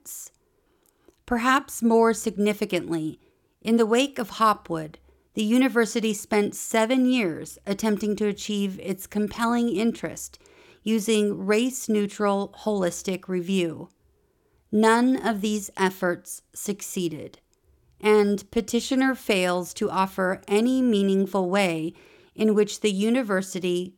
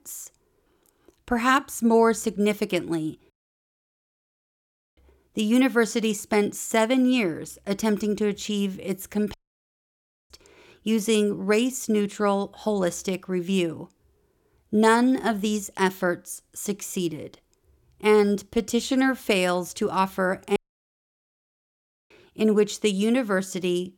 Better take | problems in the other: first | audio cutting out; at 3.5 s for 1.5 s, at 9.5 s for 1 s and at 21 s for 1.5 s

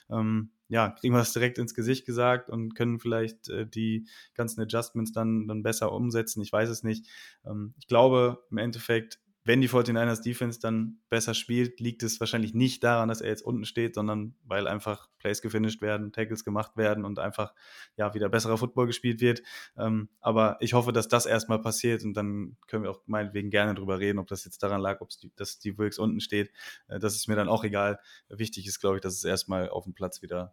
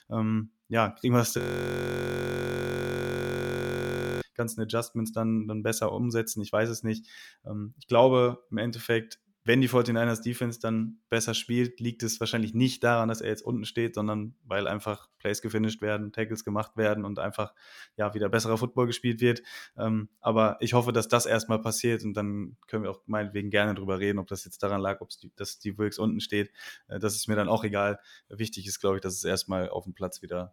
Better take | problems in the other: first | audio freezing; at 1.5 s for 3 s

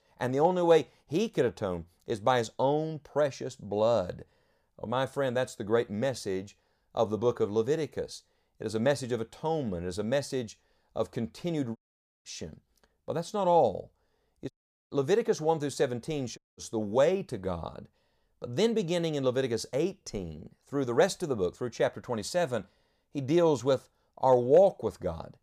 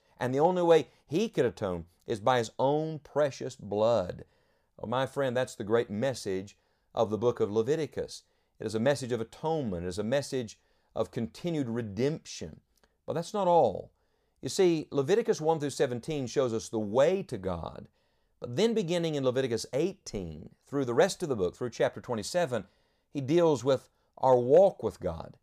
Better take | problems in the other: second | audio cutting out; at 12 s, at 15 s and at 16 s

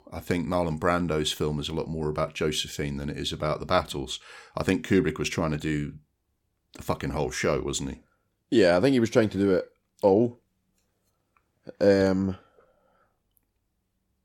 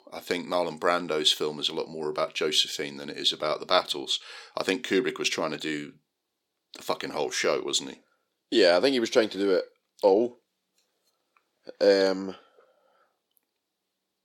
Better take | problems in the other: first | thin; very slightly; fading below 400 Hz

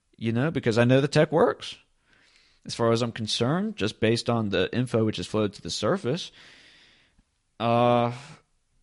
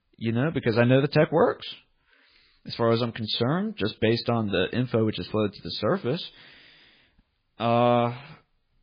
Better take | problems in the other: first | garbled, watery; badly; nothing above 4.5 kHz; slightly in the first

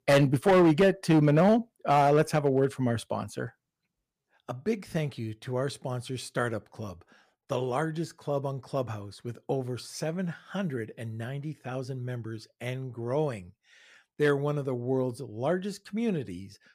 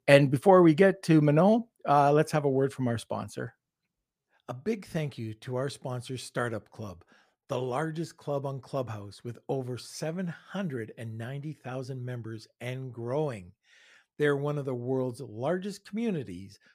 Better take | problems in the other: second | distortion; slight; 2% of the sound clipped

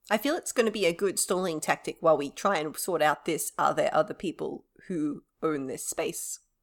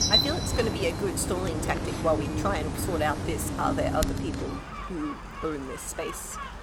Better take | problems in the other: first | animal sounds; very loud; throughout; as loud as the speech

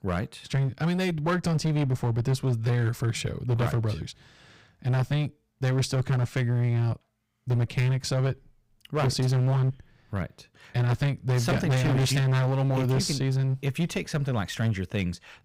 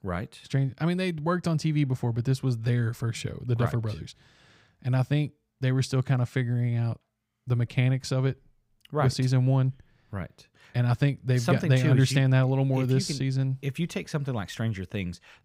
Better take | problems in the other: second | distortion; heavy; 19% of the sound clipped

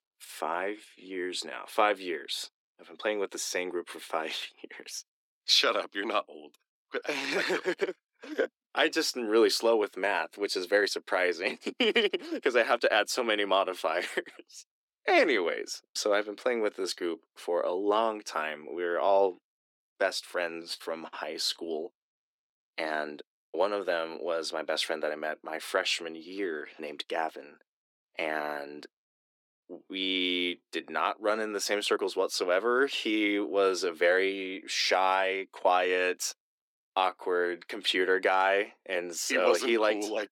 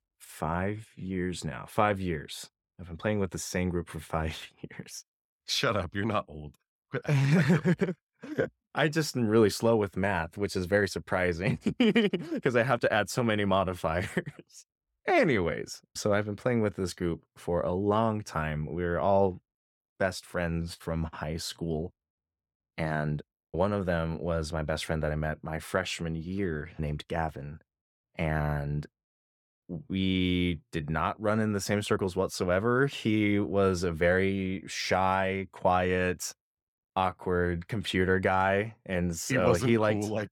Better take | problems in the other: second | thin; somewhat; fading below 300 Hz

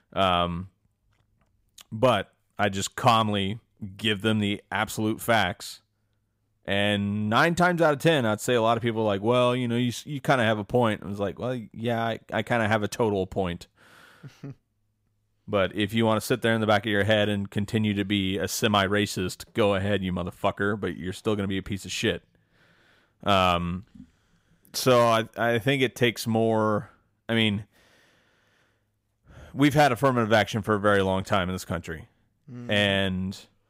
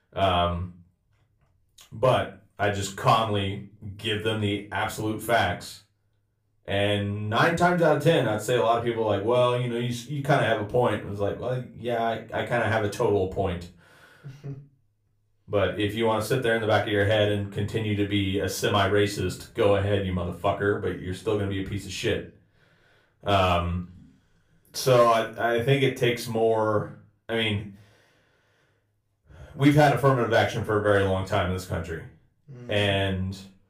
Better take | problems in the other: first | off-mic speech; far // room echo; very slight; dies away in 0.3 s

